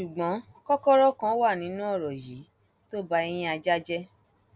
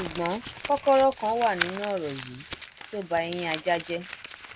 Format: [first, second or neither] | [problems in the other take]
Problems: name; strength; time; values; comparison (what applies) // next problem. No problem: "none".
first | background sound (Crumpling, crinkling); 11 dB below the speech